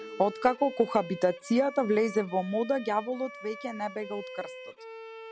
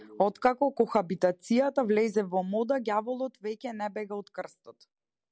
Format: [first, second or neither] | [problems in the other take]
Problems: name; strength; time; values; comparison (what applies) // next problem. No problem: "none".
second | background sound (Bowed string instrument); 14 dB below the speech